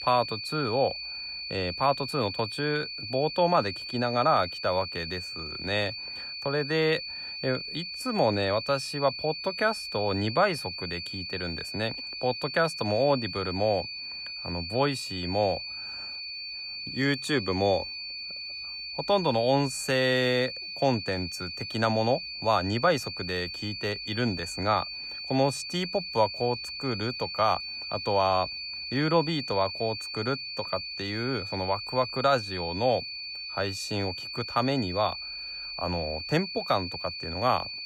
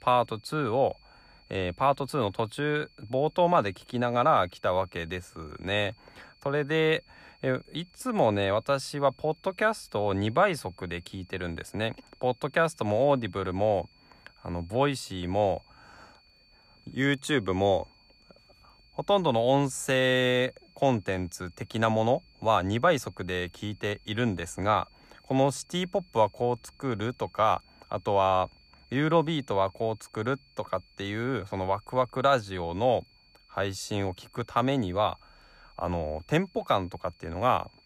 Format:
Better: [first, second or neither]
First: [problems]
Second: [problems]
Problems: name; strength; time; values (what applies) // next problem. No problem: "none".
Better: second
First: high-pitched whine; loud; throughout; 4.5 kHz, 6 dB below the speech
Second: high-pitched whine; faint; throughout; 4.5 kHz, 30 dB below the speech